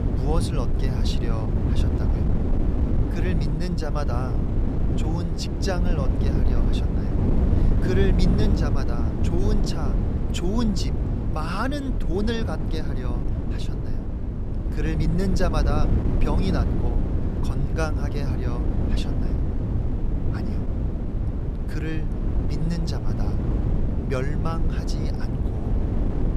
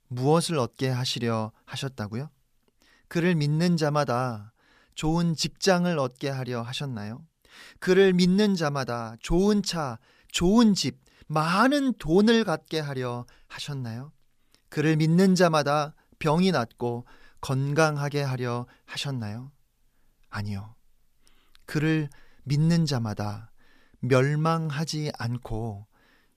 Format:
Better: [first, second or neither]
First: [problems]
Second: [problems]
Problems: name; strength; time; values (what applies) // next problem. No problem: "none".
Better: second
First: wind noise on the microphone; heavy; 2 dB below the speech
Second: none